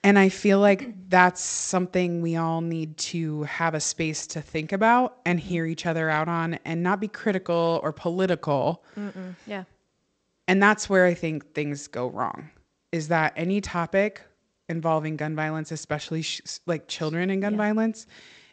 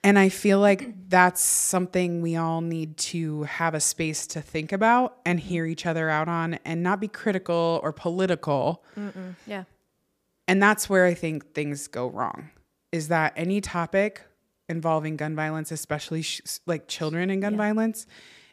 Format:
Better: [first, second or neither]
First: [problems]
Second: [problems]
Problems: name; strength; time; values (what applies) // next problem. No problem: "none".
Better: second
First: garbled, watery; slightly; nothing above 8 kHz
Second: none